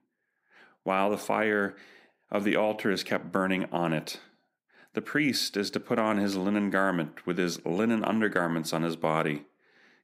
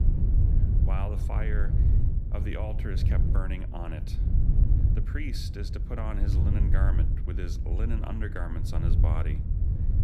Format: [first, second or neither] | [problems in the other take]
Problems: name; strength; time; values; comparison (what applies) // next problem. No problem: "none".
first | wind noise on the microphone; heavy; 3 dB below the speech